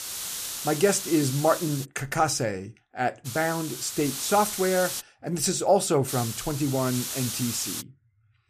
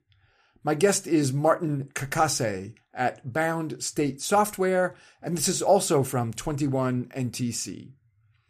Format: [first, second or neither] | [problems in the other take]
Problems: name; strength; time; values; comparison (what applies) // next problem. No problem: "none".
second | hiss; loud; until 2 s, from 3.5 to 5 s and from 6 to 8 s; 6 dB below the speech